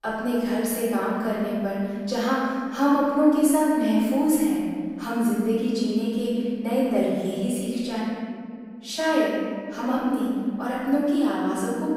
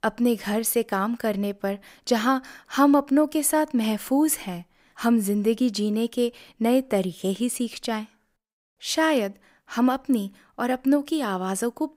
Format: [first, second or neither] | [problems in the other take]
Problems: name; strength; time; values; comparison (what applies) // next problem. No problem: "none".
second | off-mic speech; far // room echo; strong; dies away in 2.2 s